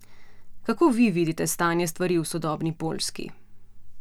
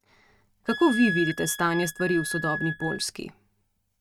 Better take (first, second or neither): first